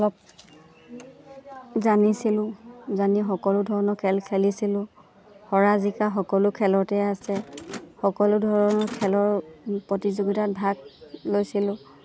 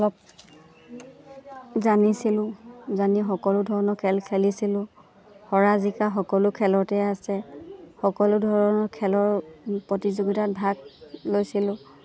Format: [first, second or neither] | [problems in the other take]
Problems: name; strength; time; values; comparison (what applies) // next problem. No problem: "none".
second | background sound (Mechanisms); 18 dB below the speech